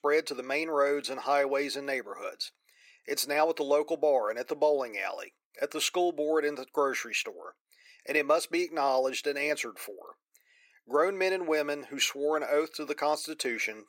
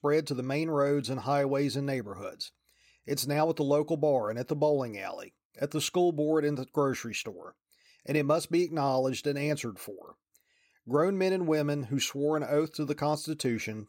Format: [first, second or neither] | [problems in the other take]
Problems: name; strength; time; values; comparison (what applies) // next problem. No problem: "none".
second | thin; somewhat; fading below 400 Hz